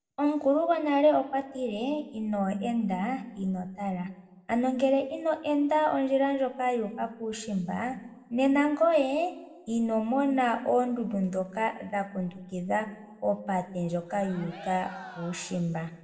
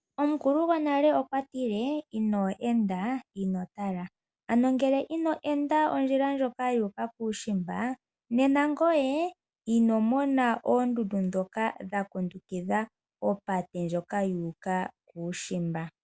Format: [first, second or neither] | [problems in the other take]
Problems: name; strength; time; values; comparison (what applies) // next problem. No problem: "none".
second | background sound (Cheering); 18 dB below the speech // room echo; dies away in 1 s